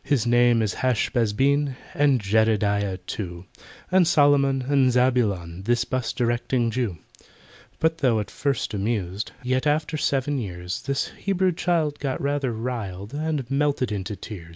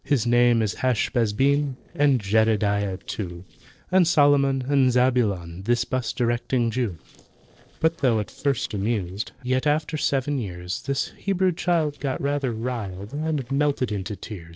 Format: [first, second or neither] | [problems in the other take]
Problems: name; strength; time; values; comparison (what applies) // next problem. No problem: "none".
first | noise reduction (neural separator model SepFormer DNS4)